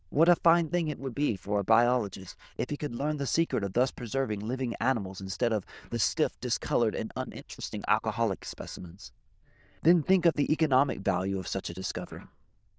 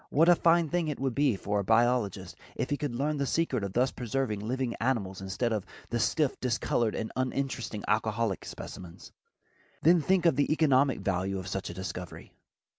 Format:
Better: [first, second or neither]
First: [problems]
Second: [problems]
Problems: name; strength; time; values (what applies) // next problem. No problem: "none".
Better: second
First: noise reduction (neural diffusion model UNIVERSE++)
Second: none